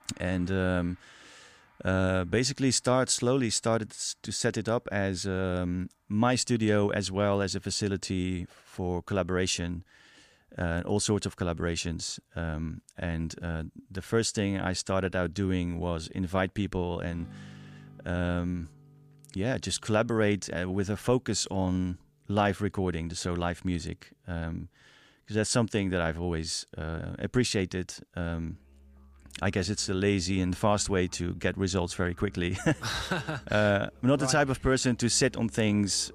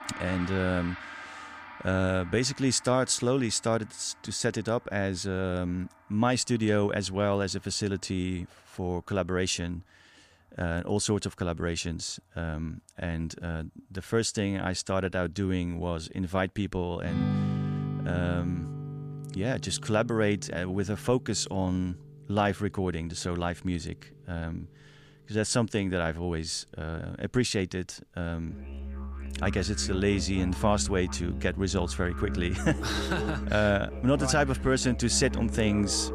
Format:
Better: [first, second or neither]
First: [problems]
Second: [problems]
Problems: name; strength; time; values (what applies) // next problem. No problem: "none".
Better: first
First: background music; faint; throughout; 25 dB below the speech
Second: background music; loud; throughout; 7 dB below the speech